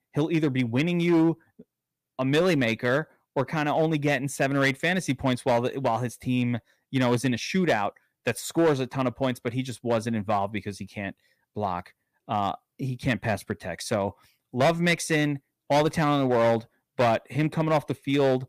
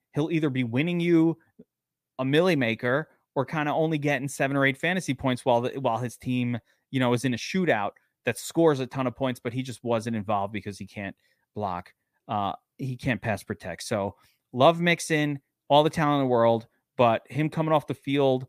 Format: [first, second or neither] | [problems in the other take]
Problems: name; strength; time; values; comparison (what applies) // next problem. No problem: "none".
second | distortion; slight; 5% of the sound clipped